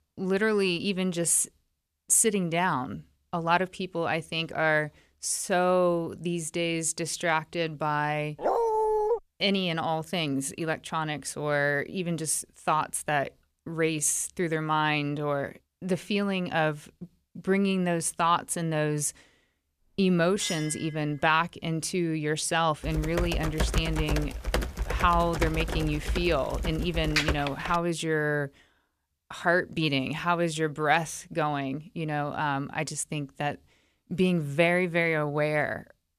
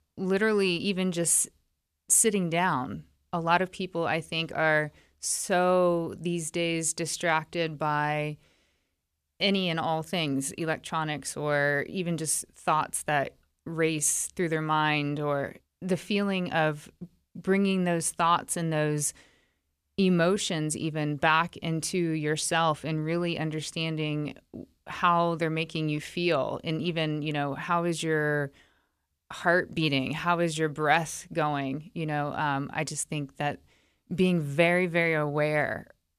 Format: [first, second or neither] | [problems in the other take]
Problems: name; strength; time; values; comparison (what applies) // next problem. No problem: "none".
second | dog barking; loud; at 8.5 s; peak 2 dB above the speech // clattering dishes; noticeable; at 20 s; peak 8 dB below the speech // keyboard typing; loud; from 23 to 28 s; peak 1 dB above the speech